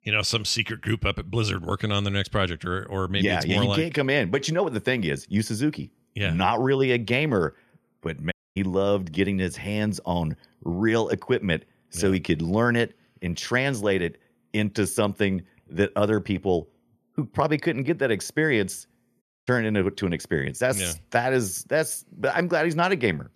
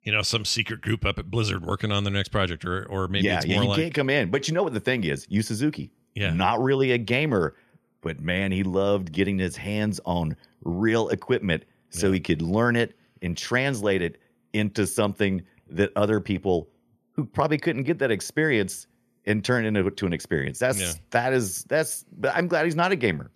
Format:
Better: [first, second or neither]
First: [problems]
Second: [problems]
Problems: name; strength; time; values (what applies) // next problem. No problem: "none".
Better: second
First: audio cutting out; at 8.5 s and at 19 s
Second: none